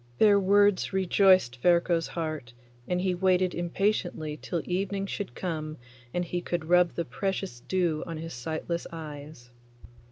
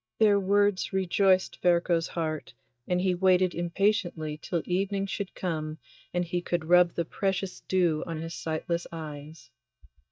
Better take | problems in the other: first | noise reduction (neural mask model DeepFilterNet 3)

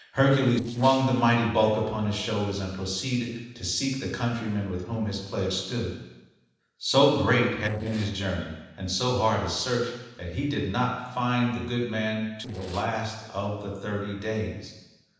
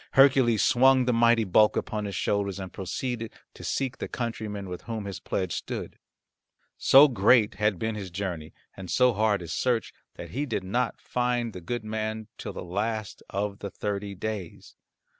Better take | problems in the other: second | noise reduction (neural separator model SepFormer DNS4)

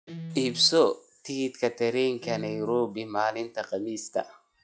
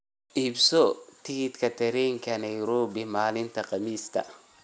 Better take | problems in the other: second | noise reduction (classical method log-MMSE)

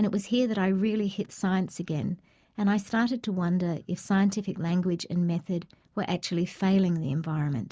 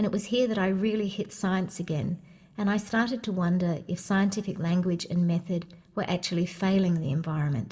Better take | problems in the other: first | room echo; dies away in 0.6 s

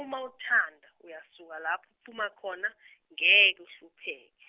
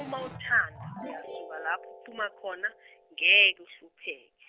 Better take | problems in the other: first | background sound (Keyboard (musical)); 16 dB below the speech

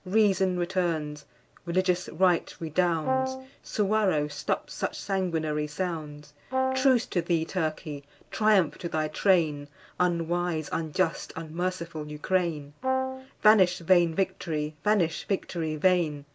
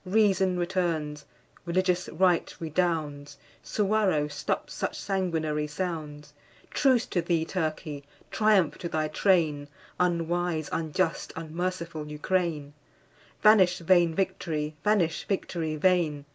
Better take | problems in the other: second | background sound (Brass instrument); 3 dB below the speech

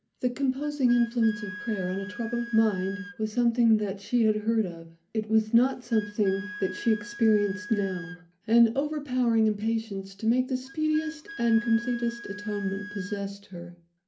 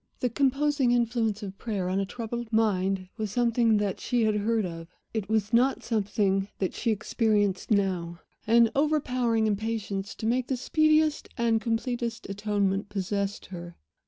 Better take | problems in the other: second | background sound (Wind instrument, woodwind instrument); 17 dB below the speech // room echo; dies away in 0.3 s

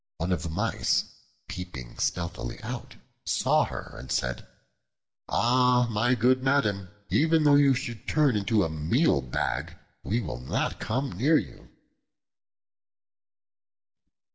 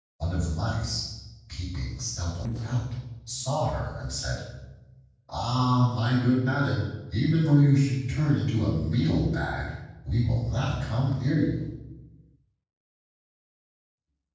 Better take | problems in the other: first | noise reduction (neural separator model SepFormer DNS4)

